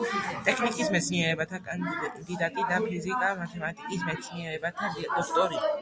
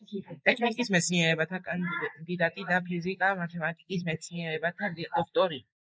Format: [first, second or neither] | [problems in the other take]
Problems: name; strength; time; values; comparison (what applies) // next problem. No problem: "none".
first | noise reduction (neural mask model Resemble Enhance denoiser)